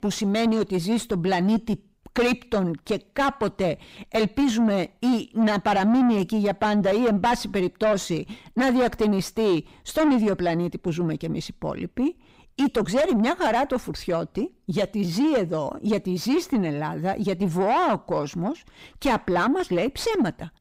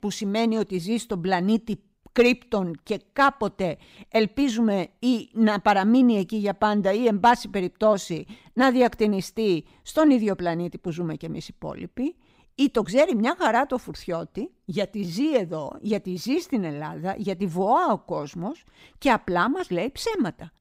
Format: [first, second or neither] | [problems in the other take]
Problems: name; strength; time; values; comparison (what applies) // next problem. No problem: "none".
second | distortion; heavy; 7 dB below the speech